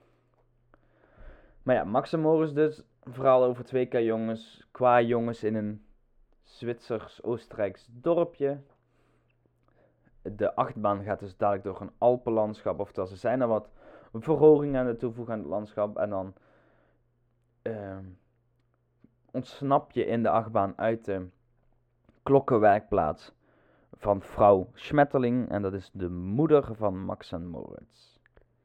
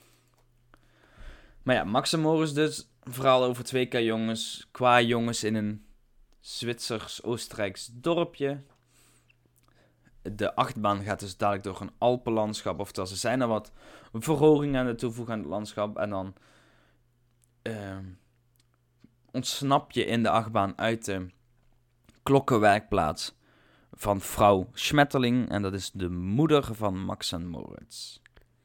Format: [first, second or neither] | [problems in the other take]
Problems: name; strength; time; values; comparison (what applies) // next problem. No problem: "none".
second | muffled; very; fading above 3.5 kHz